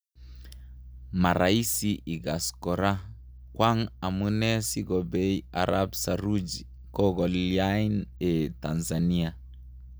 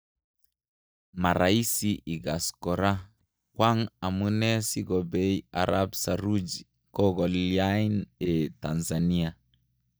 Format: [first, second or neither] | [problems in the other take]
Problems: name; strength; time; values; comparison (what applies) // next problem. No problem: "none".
first | noise reduction (neural mask model DeepFilterNet 3)